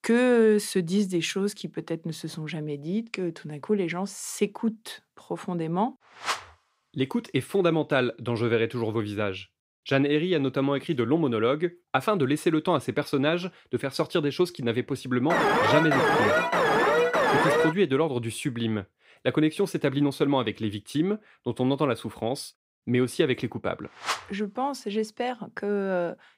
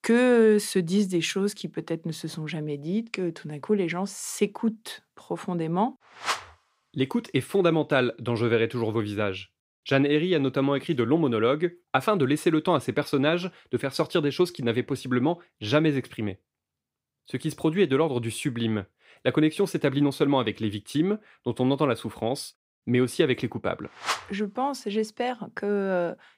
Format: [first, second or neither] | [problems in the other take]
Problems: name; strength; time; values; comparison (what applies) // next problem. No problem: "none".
second | alarm; loud; from 15 to 18 s; peak 6 dB above the speech